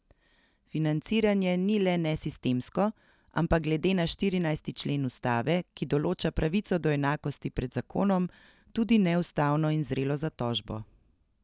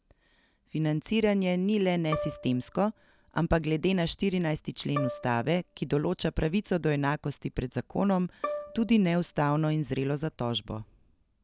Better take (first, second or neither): first